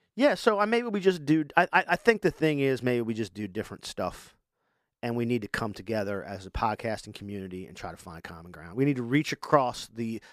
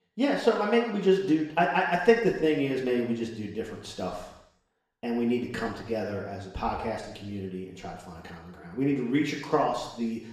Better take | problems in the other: first | room echo; noticeable; dies away in 0.9 s // off-mic speech; far

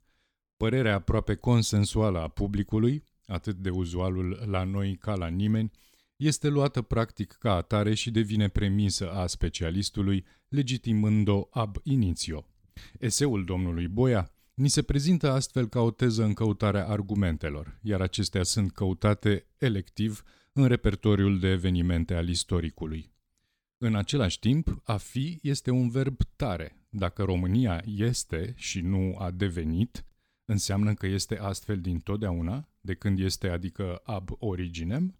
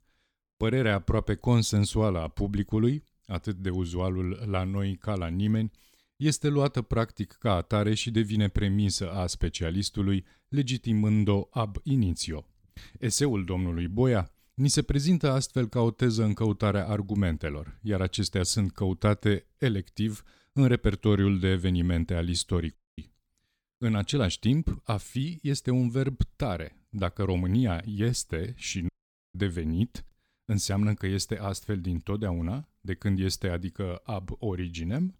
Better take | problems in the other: first | audio cutting out; at 23 s and at 29 s

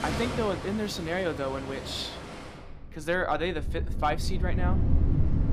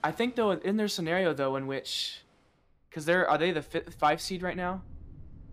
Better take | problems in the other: second | rain or running water; loud; throughout; 1 dB below the speech; faint in the second

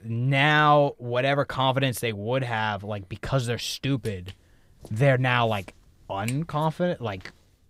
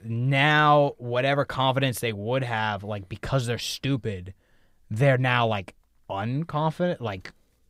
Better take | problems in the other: second | footsteps; faint; from 4 to 6.5 s; peak 15 dB below the speech

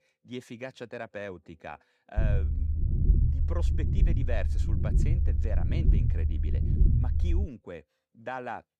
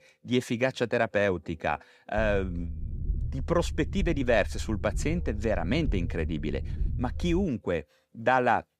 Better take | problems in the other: second | low rumble; loud; from 2 to 7.5 s; 3 dB below the speech; faint in the second

